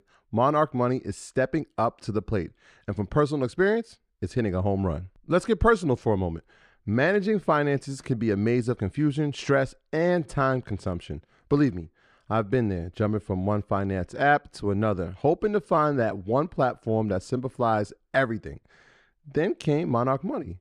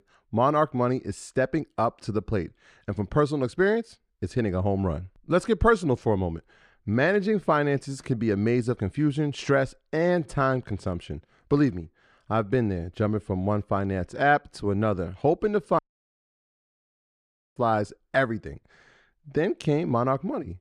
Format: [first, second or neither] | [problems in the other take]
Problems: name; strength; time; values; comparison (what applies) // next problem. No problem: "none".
first | audio cutting out; at 16 s for 2 s